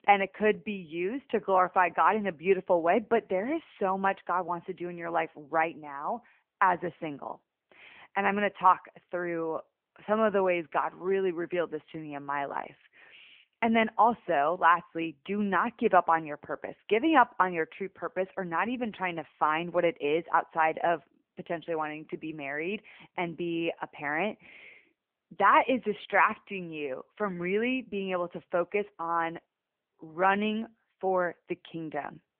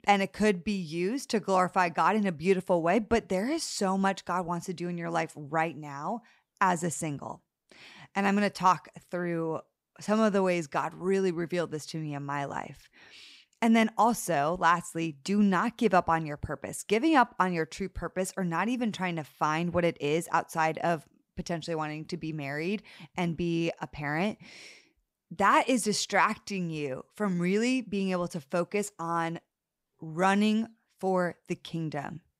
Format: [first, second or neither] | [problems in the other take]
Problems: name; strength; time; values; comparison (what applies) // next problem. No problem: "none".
second | phone-call audio; nothing above 3 kHz